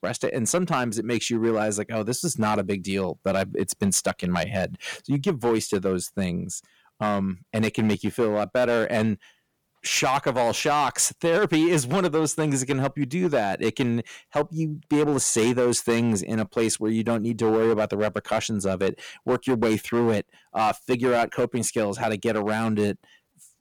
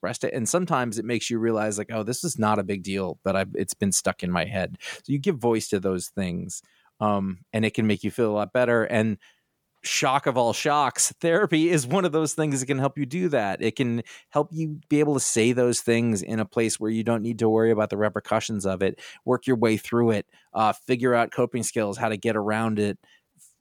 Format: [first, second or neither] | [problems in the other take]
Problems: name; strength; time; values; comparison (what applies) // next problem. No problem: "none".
second | distortion; slight; 6% of the sound clipped